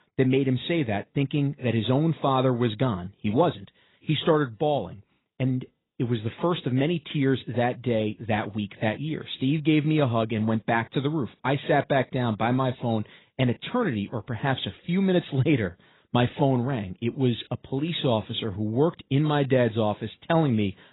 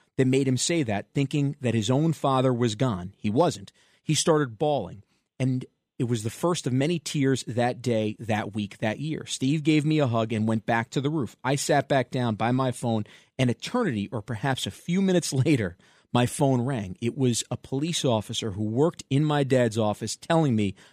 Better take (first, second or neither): second